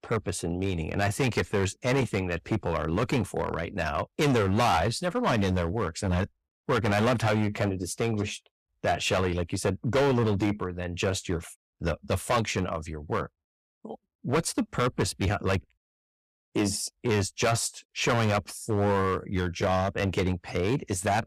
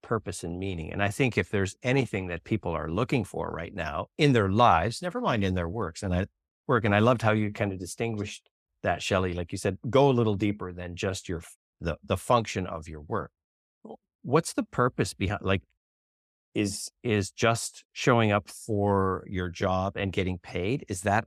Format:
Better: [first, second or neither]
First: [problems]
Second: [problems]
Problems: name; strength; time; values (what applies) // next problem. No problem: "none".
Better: second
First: distortion; heavy; 9% of the sound clipped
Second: none